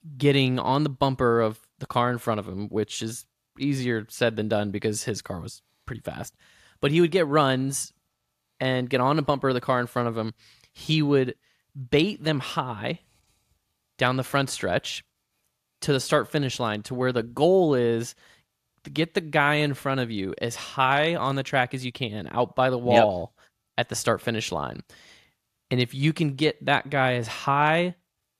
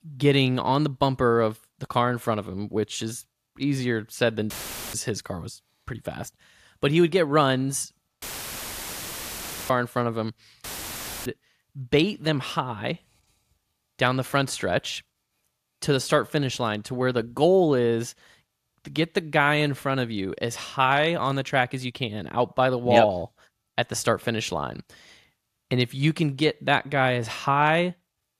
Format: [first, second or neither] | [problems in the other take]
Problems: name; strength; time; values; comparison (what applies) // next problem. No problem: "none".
first | audio cutting out; filled with static; at 4.5 s, at 8 s for 1.5 s and at 11 s for 0.5 s